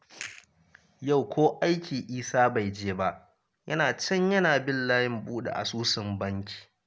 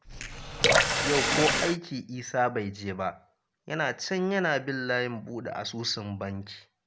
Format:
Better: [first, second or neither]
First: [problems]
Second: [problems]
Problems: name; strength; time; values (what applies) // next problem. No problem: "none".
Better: first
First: none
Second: background sound (Water tap, faucet / Water); 5 dB above the speech